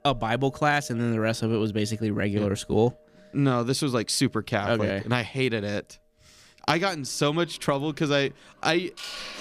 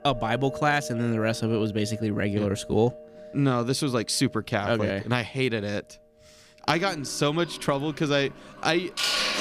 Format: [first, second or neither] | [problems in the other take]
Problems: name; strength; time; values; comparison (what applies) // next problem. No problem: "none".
first | household noises; loud; throughout; 9 dB below the speech; faint in the first